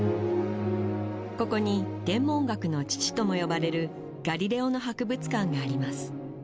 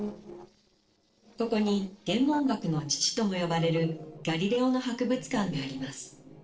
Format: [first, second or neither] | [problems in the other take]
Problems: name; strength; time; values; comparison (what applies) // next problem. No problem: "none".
first | noise reduction (neural separator model SepFormer DNS4)